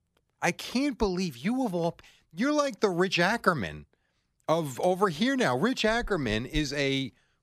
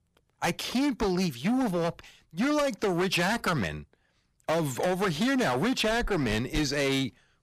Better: first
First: none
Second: distortion; heavy; 17% of the sound clipped

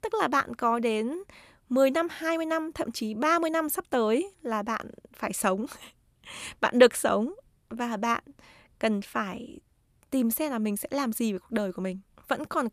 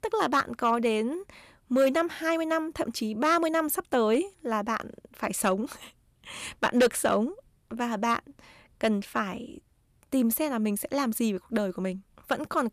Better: first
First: none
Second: distortion; slight; 1.4% of the sound clipped

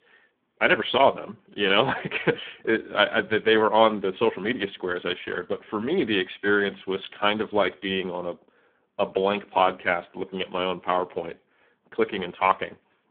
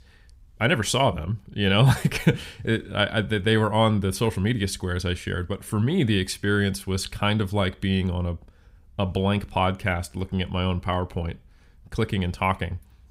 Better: second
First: phone-call audio; poor line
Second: none

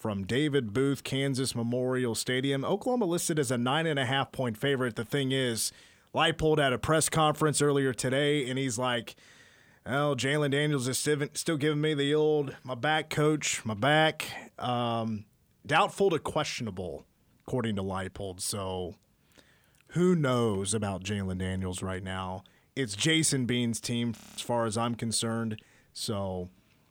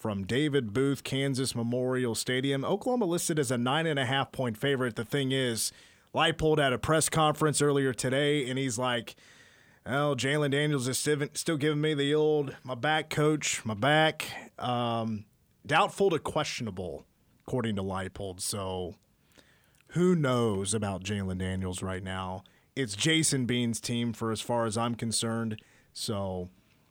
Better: second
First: audio freezing; at 24 s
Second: none

